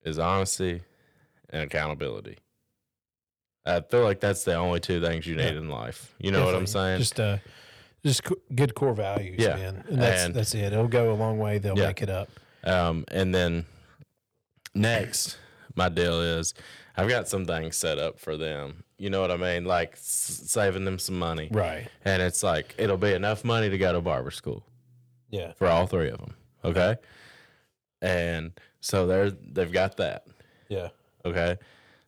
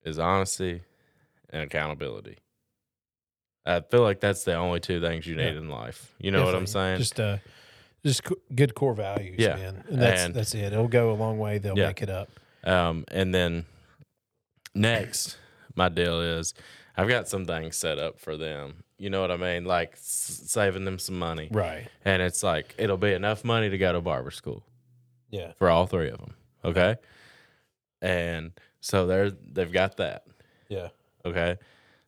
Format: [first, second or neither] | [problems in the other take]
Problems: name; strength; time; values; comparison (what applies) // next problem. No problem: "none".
second | distortion; slight; 10 dB below the speech